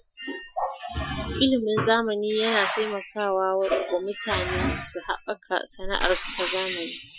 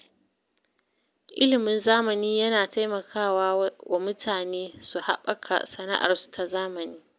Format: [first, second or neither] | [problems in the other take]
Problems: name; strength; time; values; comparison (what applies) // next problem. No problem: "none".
second | noise reduction (classical method Wiener filter)